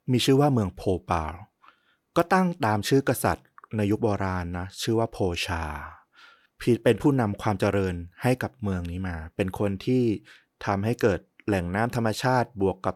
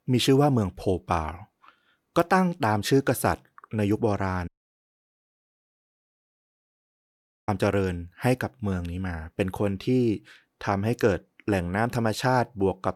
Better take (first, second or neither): first